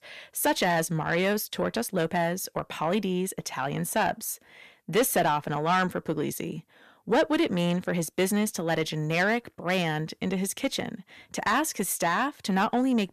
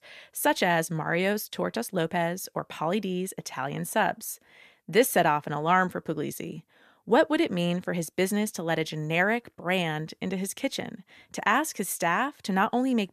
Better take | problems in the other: second | distortion; slight; 10 dB below the speech

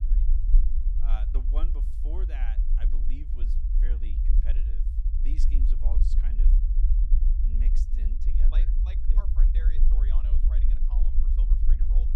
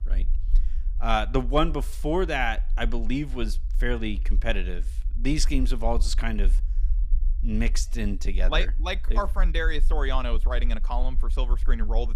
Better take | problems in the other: second | low rumble; loud; throughout; 1 dB below the speech; faint in the second

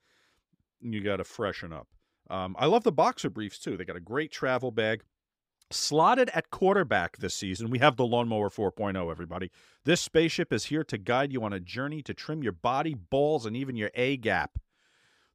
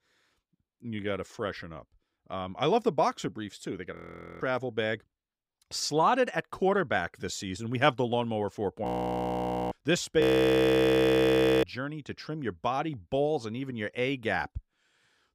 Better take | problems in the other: first | audio freezing; at 4 s, at 9 s for 1 s and at 10 s for 1.5 s

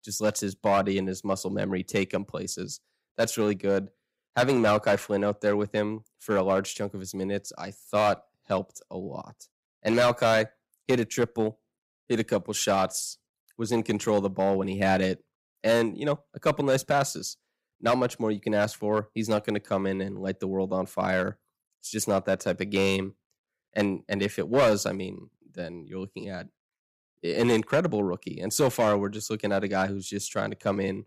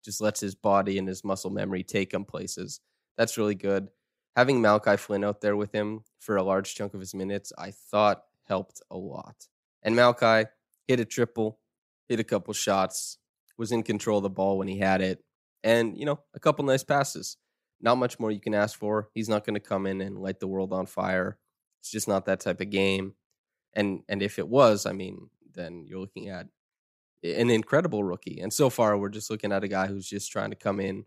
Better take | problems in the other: second | distortion; slight; 3% of the sound clipped

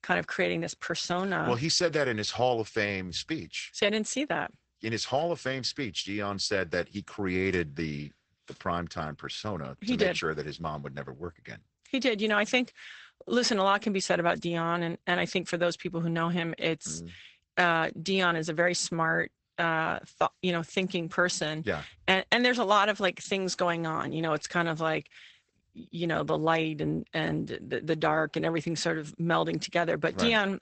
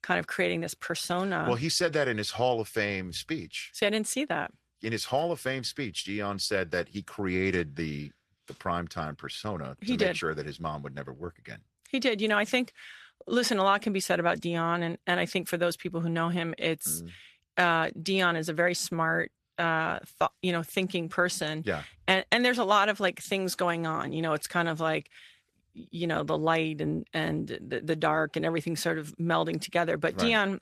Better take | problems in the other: second | garbled, watery; badly; nothing above 8 kHz; slightly in the second

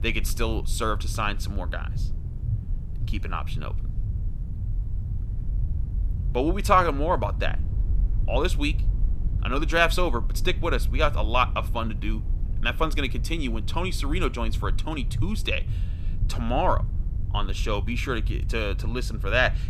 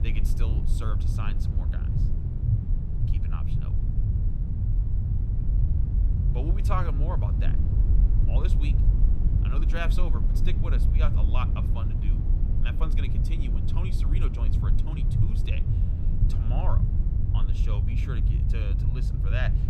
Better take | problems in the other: first | low rumble; loud; throughout; 3 dB below the speech; faint in the first

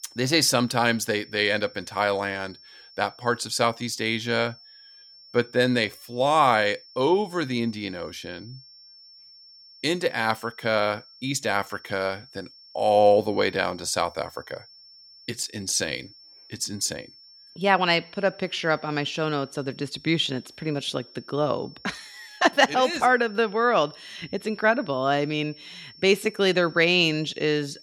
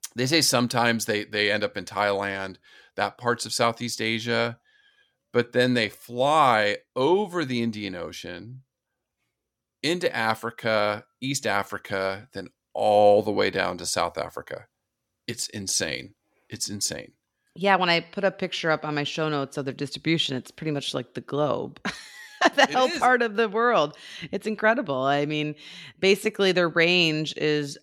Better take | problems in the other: second | high-pitched whine; faint; throughout; 5.5 kHz, 25 dB below the speech

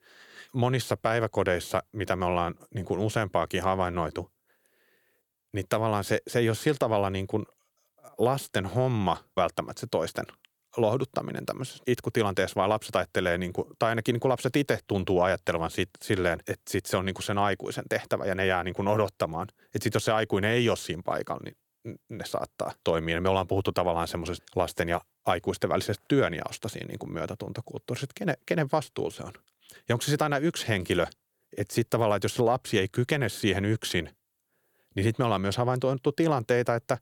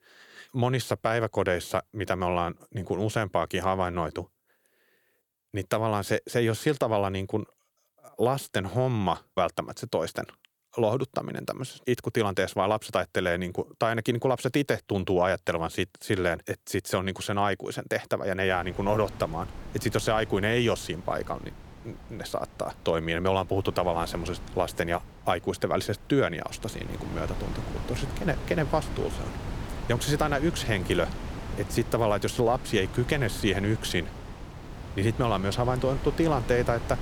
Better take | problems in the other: first | wind noise on the microphone; occasional gusts; from 19 s on; 15 dB below the speech

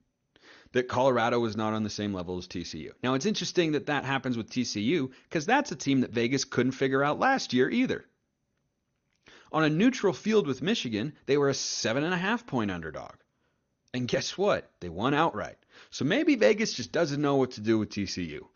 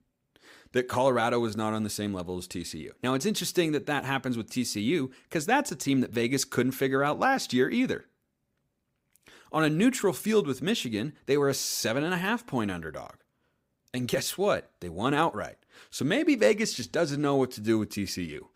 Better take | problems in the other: second | garbled, watery; slightly; nothing above 6.5 kHz

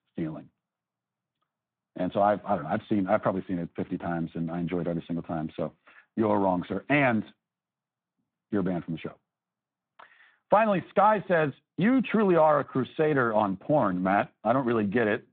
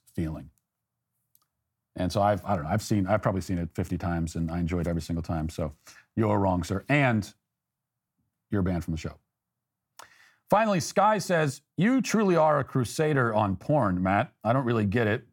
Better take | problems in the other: second | phone-call audio; nothing above 3.5 kHz

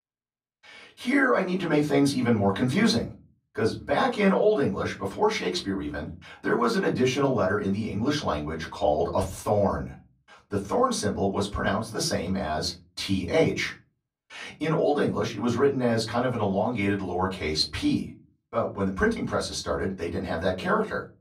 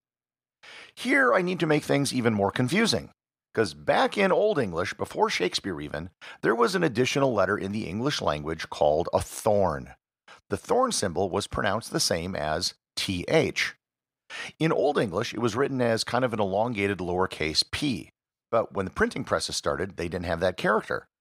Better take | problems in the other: second | off-mic speech; far // room echo; very slight; dies away in 0.3 s

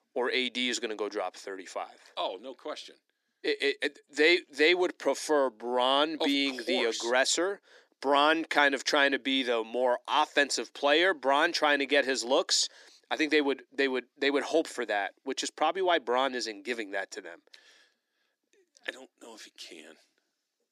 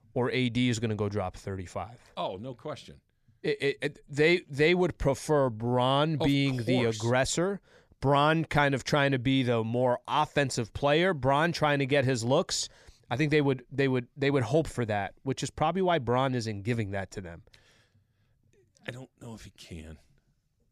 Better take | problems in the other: second | thin; somewhat; fading below 300 Hz

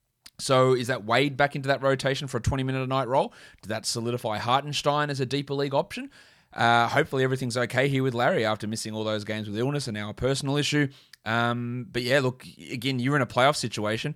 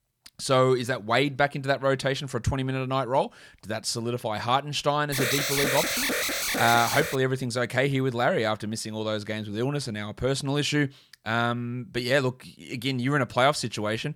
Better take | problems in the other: first | alarm; loud; from 5 to 7 s; peak 2 dB above the speech

